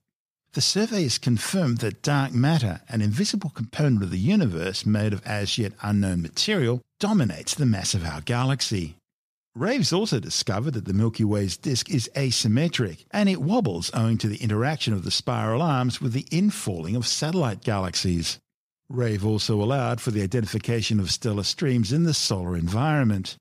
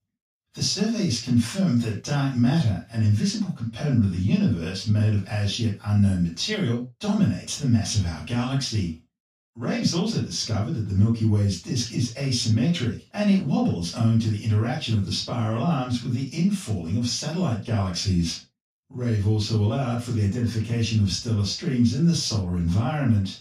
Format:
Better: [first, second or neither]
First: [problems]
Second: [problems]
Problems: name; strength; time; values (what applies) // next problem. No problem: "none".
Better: first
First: none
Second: room echo; noticeable; dies away in 0.2 s // off-mic speech; far